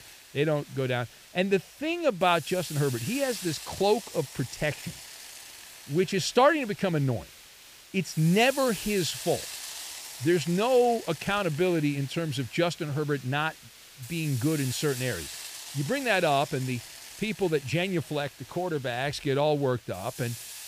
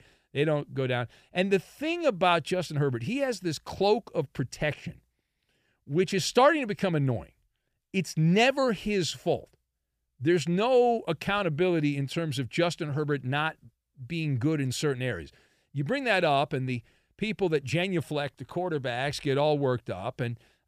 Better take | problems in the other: second | hiss; noticeable; throughout; 15 dB below the speech

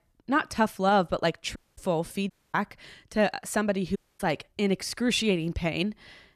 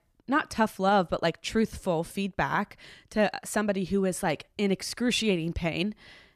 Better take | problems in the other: second | audio cutting out; at 1.5 s, at 2.5 s and at 4 s

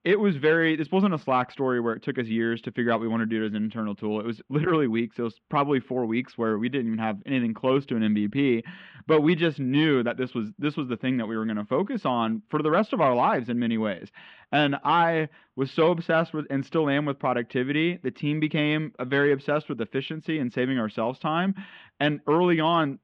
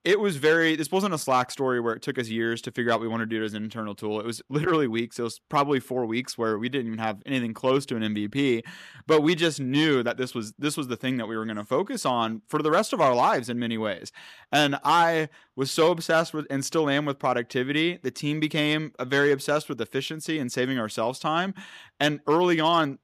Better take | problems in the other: second | muffled; very; fading above 3 kHz

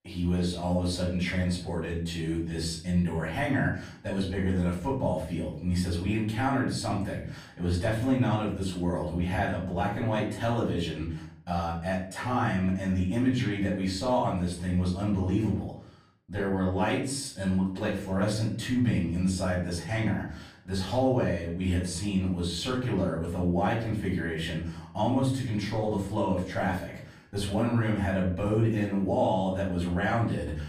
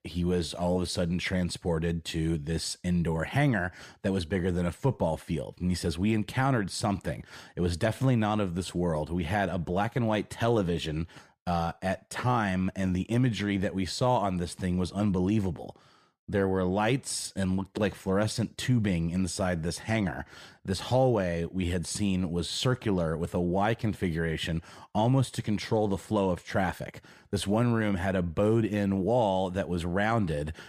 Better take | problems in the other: second | room echo; slight; dies away in 0.5 s // off-mic speech; far

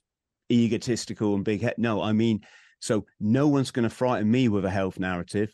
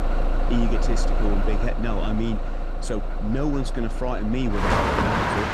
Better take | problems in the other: first | traffic noise; very loud; throughout; 2 dB above the speech

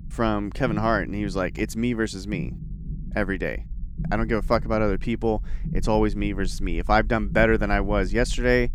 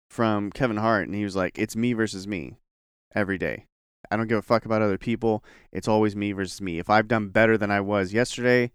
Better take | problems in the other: second | low rumble; faint; throughout; 20 dB below the speech

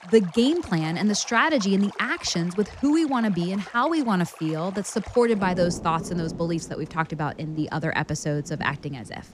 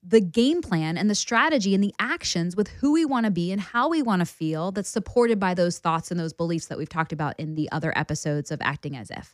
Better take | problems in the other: second | rain or running water; noticeable; throughout; 15 dB below the speech

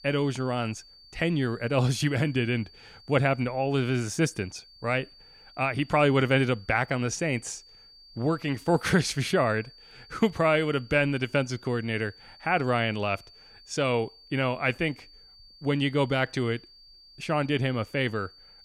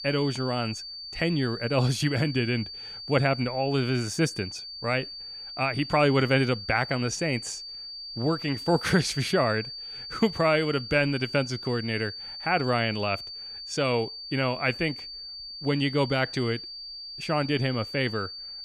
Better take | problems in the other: first | high-pitched whine; loud; throughout; 4.5 kHz, 10 dB below the speech; faint in the first

